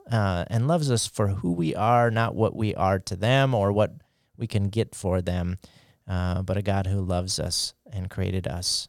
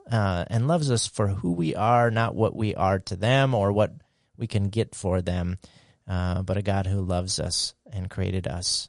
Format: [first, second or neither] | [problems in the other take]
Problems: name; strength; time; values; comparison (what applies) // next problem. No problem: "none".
first | garbled, watery; slightly; nothing above 10.5 kHz